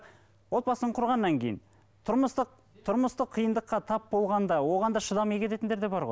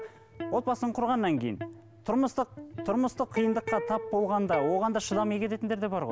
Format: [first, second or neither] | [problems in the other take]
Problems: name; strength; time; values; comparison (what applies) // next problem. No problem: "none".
first | background sound (Electric guitar); 11 dB below the speech